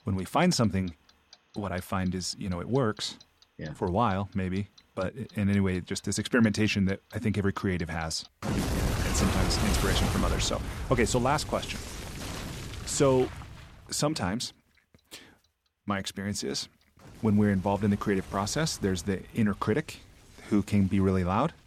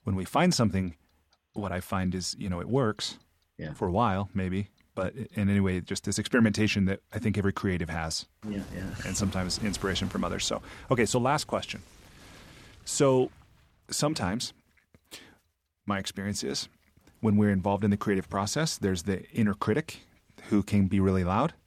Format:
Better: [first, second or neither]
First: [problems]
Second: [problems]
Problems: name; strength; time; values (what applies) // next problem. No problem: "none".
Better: second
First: household noises; loud; throughout; 5 dB below the speech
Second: household noises; faint; throughout; 20 dB below the speech